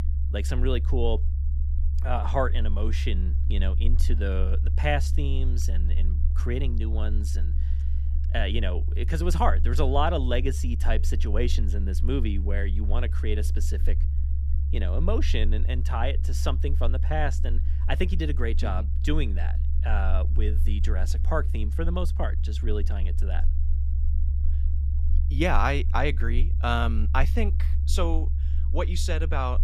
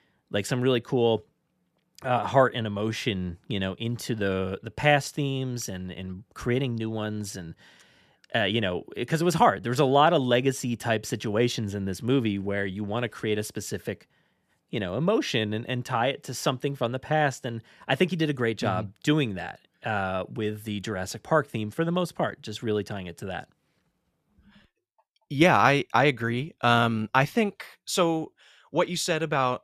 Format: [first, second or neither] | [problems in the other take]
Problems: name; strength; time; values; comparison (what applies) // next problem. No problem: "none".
second | low rumble; noticeable; throughout; 15 dB below the speech